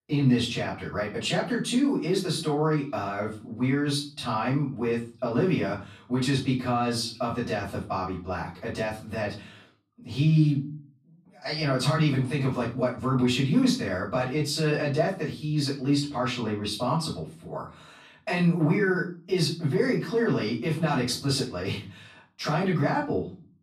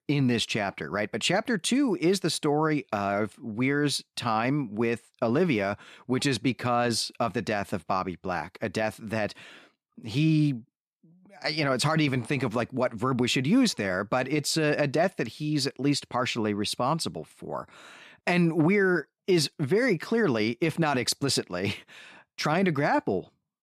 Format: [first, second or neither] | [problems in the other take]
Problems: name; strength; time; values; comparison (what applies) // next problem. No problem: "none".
second | off-mic speech; far // room echo; slight; dies away in 0.4 s